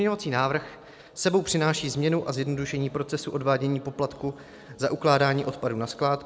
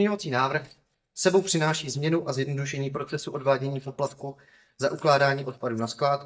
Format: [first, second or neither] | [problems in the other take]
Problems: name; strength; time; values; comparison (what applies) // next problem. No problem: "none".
first | noise reduction (neural mask model DeepFilterNet 3)